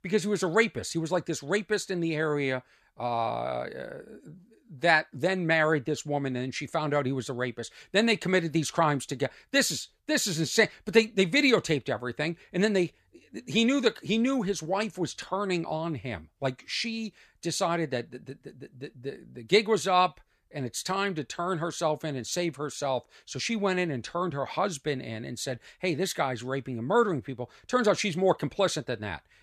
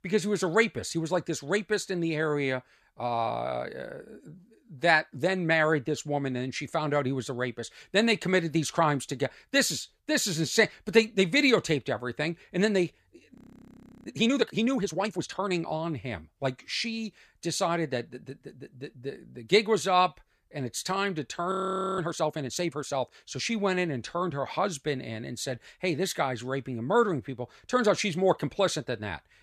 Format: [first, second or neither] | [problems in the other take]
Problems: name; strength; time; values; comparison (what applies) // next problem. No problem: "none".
first | audio freezing; at 13 s for 0.5 s and at 22 s